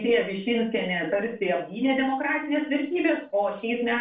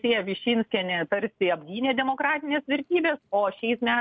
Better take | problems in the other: second | room echo; dies away in 0.3 s

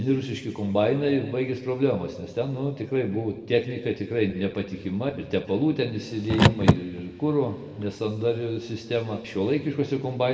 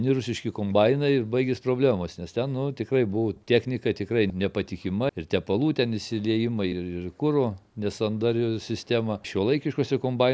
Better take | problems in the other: second | background sound (Car); as loud as the speech // room echo; dies away in 1.6 s

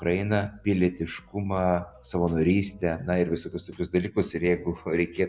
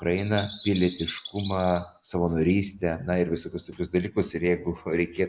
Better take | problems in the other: first | noise reduction (neural mask model Resemble Enhance denoiser)

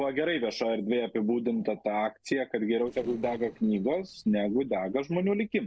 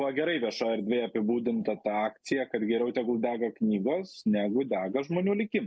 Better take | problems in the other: second | noise reduction (neural separator model SepFormer DNS4)

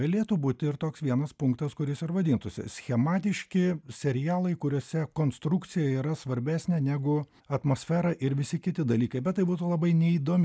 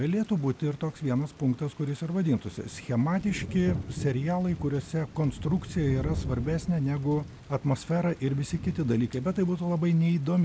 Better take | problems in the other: first | background sound (Thunder / Rain); 12 dB below the speech

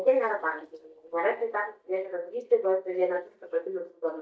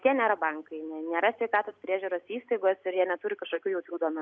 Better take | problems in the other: second | noise reduction (neural mask model DeepFilterNet 3)

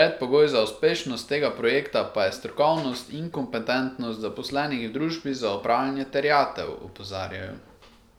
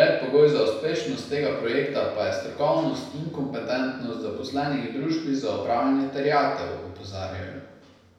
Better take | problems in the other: first | room echo; dies away in 0.9 s

